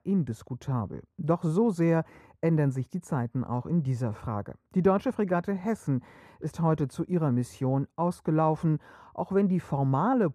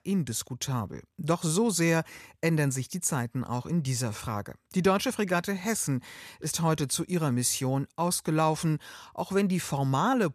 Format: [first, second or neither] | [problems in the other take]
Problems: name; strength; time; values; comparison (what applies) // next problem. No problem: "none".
second | muffled; very; fading above 2 kHz